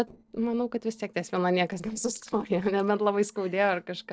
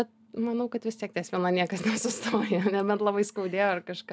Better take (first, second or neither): second